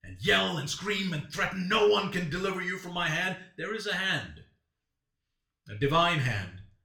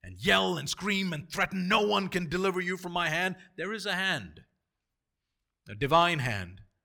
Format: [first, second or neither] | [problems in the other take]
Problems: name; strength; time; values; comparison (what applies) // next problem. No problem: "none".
second | room echo; very slight; dies away in 0.4 s // off-mic speech; somewhat distant